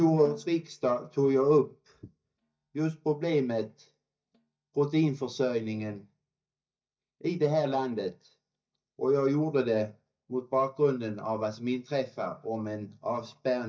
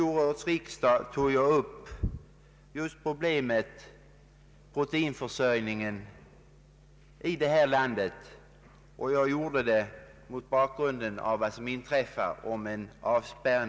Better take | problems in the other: second | noise reduction (neural mask model DeepFilterNet 3)

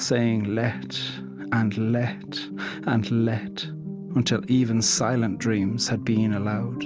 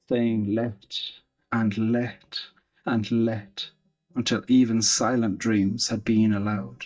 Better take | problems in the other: first | noise reduction (neural mask model DeepFilterNet 3)

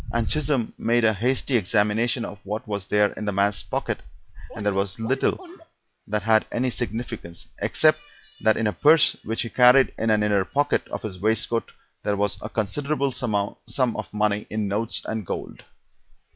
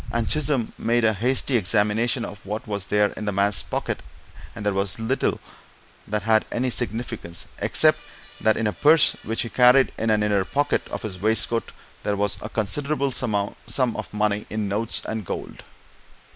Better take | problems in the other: second | noise reduction (classical method log-MMSE)

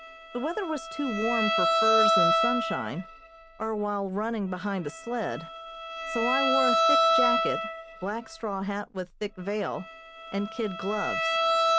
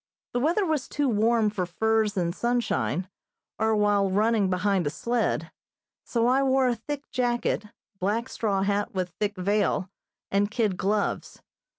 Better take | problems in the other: second | background sound (Bowed string instrument); 3 dB above the speech

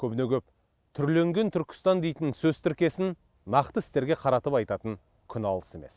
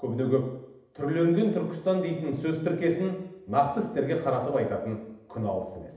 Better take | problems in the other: first | room echo; dies away in 0.8 s

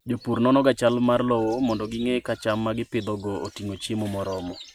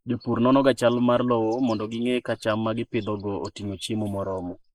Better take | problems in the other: first | noise reduction (neural mask model Resemble Enhance denoiser)

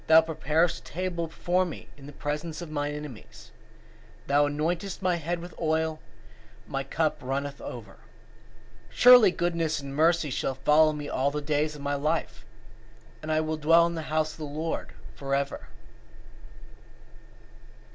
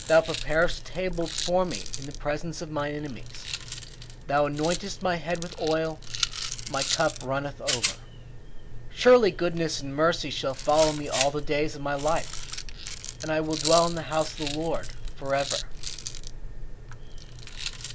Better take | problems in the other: first | background sound (Rattle); 9 dB below the speech

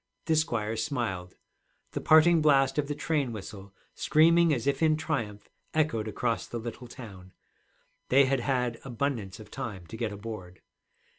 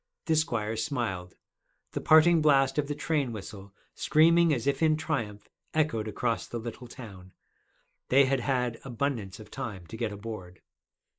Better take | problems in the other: first | noise reduction (neural mask model Resemble Enhance denoiser)

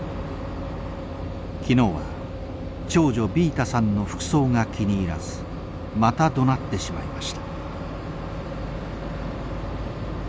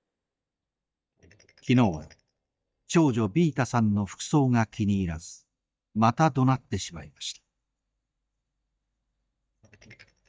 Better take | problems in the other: first | noise reduction (neural mask model DeepFilterNet 3)

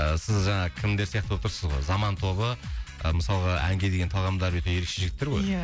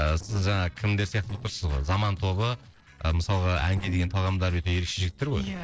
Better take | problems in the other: first | noise reduction (neural separator model SepFormer DNS4)

